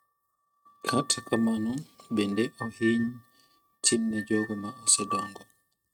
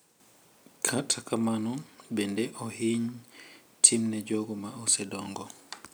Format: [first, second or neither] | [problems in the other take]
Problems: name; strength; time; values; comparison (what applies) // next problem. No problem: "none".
second | noise reduction (neural mask model RNNoise)